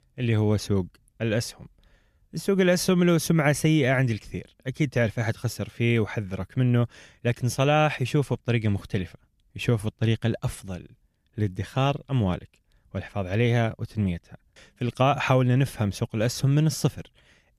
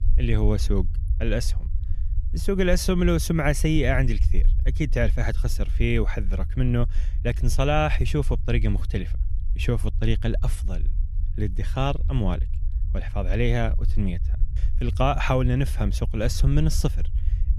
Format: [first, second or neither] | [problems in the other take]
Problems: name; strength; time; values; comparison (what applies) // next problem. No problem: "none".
first | low rumble; noticeable; throughout; 20 dB below the speech